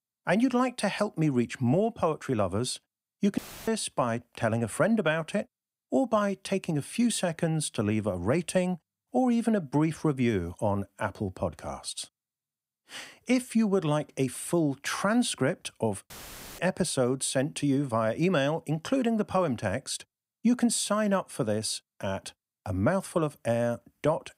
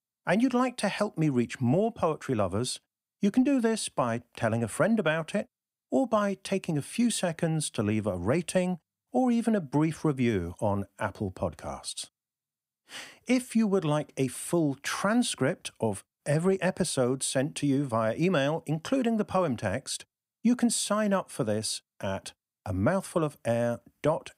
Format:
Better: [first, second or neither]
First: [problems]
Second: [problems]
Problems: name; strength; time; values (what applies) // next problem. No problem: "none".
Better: second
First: audio cutting out; filled with static; at 3.5 s and at 16 s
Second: none